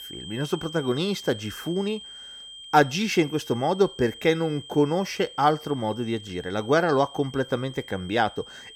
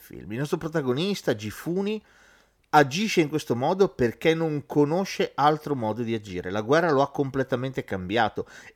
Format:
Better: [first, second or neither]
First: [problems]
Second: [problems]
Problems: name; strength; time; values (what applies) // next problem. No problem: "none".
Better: second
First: high-pitched whine; noticeable; throughout; 3 kHz, 15 dB below the speech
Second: none